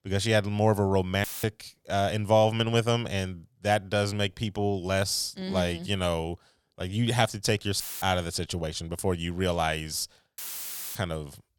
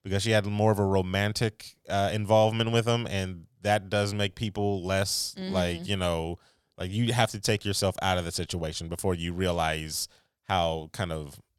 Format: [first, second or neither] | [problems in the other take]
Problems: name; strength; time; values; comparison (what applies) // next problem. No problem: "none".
second | audio cutting out; filled with static; at 1 s, at 8 s and at 10 s for 0.5 s